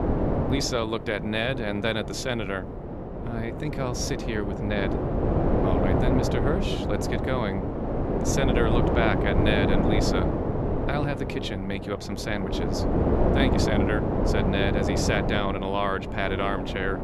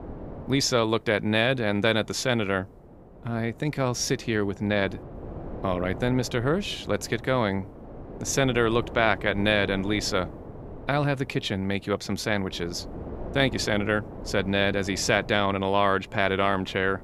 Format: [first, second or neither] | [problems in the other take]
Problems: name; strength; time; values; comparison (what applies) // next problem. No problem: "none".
second | wind noise on the microphone; heavy; 1 dB below the speech; occasional gusts in the second